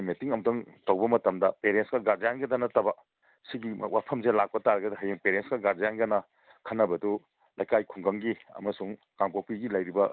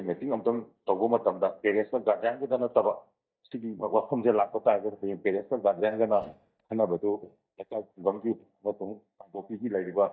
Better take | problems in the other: first | noise reduction (neural mask model DeepFilterNet 3)

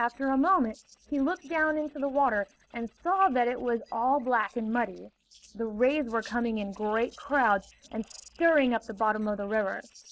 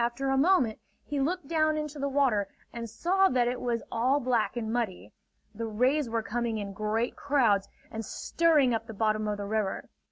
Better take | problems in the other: second | noise reduction (neural separator model SepFormer DNS4)

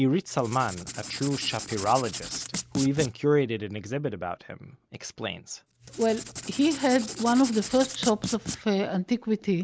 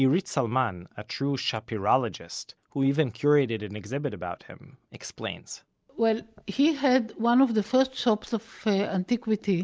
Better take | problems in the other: second | background sound (Writing); 10 dB below the speech

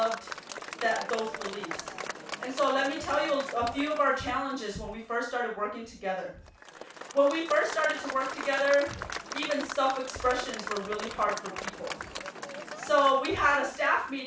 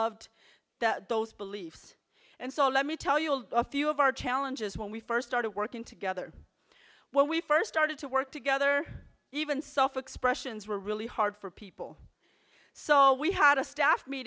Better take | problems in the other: second | background sound (Applause / Crowd); 10 dB below the speech // room echo; dies away in 0.3 s

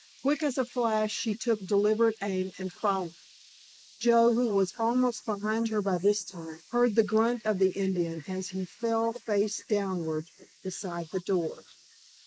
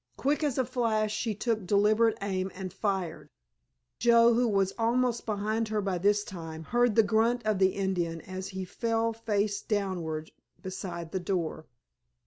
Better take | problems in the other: second | noise reduction (neural mask model Resemble Enhance denoiser)

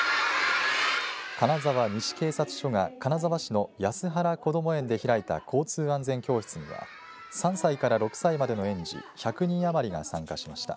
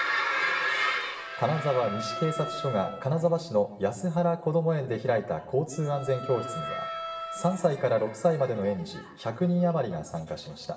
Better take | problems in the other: first | background sound (Bowed string instrument); 11 dB below the speech // room echo; dies away in 0.8 s

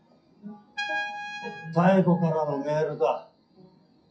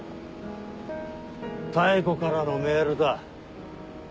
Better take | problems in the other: second | noise reduction (classical method WPE with log-MMSE)

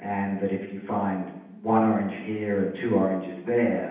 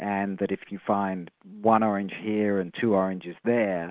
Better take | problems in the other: second | room echo; dies away in 0.9 s

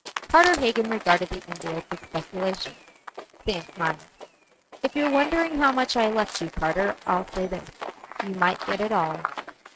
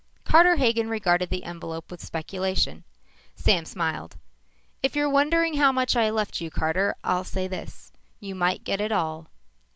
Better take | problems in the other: second | noise reduction (neural mask model RNNoise)

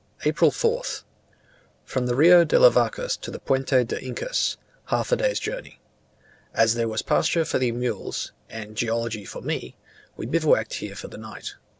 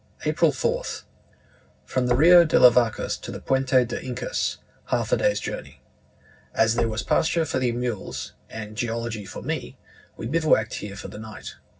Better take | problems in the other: first | background sound (Knock); 12 dB below the speech // room echo; dies away in 0.4 s

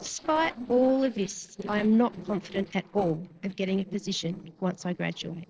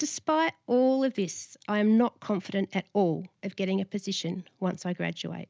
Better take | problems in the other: second | noise reduction (neural separator model SepFormer DNS4)

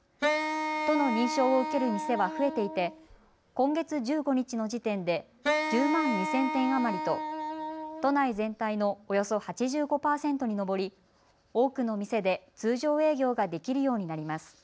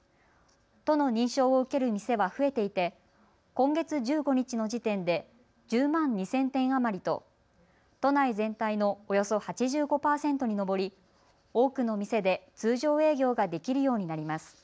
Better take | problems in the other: second | background sound (Wind instrument, woodwind instrument); 3 dB below the speech

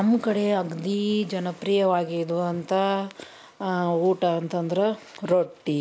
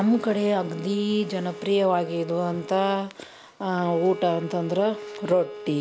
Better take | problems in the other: first | background sound (Bowed string instrument); 13 dB below the speech

